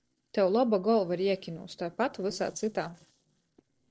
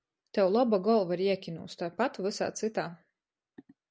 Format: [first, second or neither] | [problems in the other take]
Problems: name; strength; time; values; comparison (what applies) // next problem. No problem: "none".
second | noise reduction (neural separator model SepFormer DNS4)